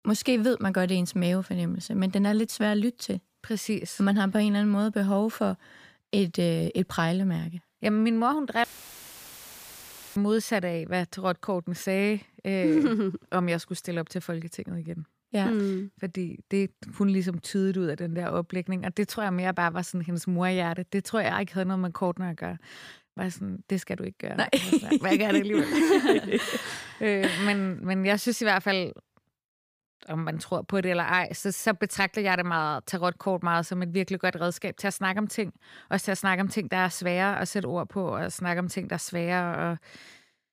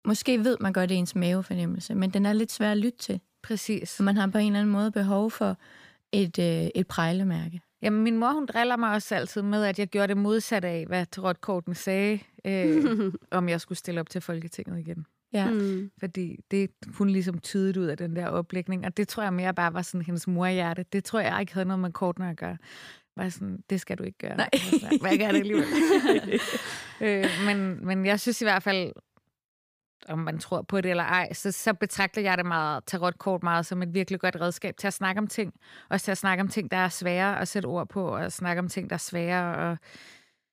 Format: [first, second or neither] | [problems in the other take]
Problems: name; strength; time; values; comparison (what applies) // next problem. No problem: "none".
second | audio cutting out; filled with static; at 8.5 s for 1.5 s